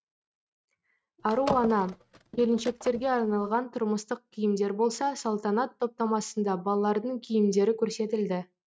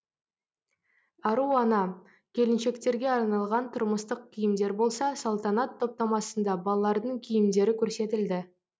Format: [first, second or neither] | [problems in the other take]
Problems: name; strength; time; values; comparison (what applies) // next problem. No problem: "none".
second | noise reduction (neural mask model RNNoise)